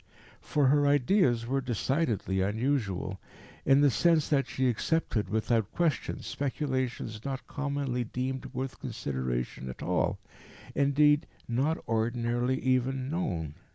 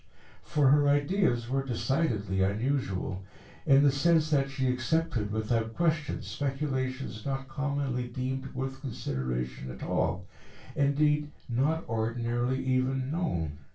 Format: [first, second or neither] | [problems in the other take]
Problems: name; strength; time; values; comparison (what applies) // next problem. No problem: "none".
first | room echo; dies away in 0.2 s